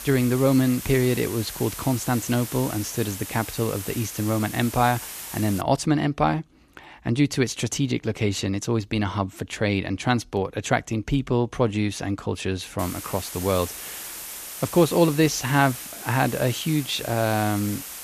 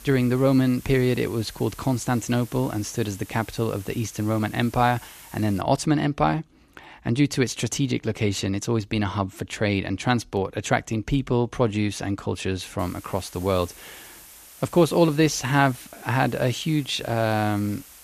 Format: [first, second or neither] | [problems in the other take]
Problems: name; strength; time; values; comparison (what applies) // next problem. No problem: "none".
second | hiss; loud; until 5.5 s and from 13 s on; 10 dB below the speech; faint in the second